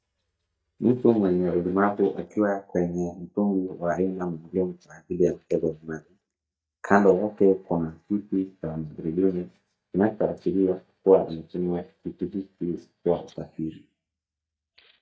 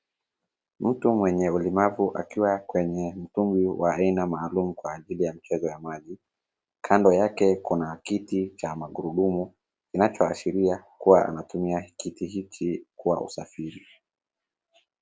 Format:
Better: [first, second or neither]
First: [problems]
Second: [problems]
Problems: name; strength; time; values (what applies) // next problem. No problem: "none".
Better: second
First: noise reduction (neural mask model DeepFilterNet 3)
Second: none